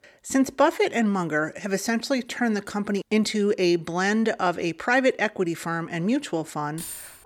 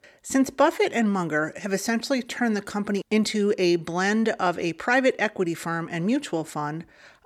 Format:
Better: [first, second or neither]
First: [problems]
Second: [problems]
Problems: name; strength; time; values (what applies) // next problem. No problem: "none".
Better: second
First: jangling keys; faint; at 7 s; peak 10 dB below the speech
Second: none